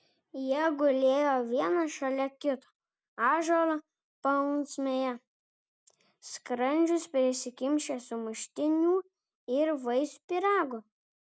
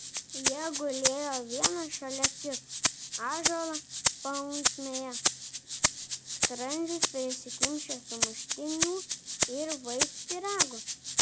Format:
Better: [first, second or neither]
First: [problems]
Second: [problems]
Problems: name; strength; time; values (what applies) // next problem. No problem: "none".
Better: first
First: none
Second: background sound (Rattle (instrument)); 5 dB above the speech